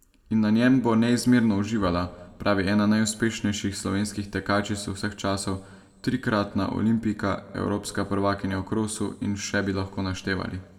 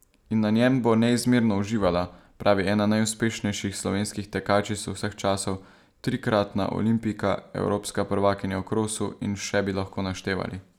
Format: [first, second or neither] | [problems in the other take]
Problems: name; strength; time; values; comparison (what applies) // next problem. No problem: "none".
second | room echo; dies away in 0.9 s